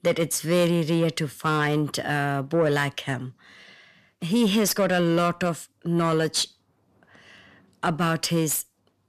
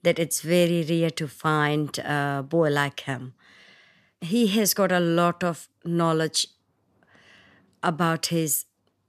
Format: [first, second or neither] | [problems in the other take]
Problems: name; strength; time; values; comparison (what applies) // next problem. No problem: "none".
second | distortion; slight; 10 dB below the speech